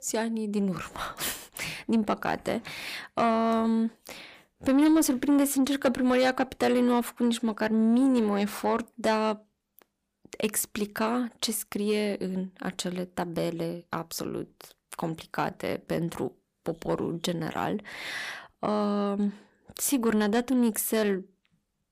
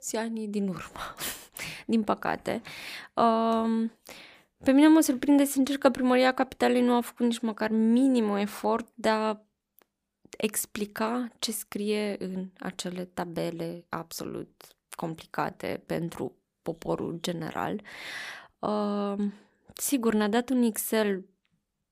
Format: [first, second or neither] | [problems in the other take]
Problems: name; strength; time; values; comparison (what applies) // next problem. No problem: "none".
second | distortion; slight; 10 dB below the speech